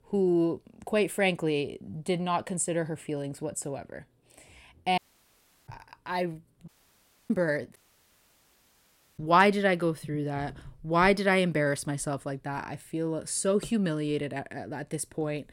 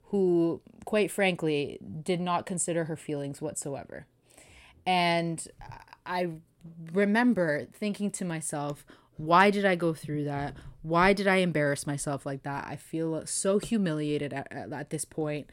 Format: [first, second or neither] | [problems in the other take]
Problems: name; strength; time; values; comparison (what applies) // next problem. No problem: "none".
second | audio cutting out; at 5 s for 0.5 s, at 6.5 s for 0.5 s and at 8 s for 1.5 s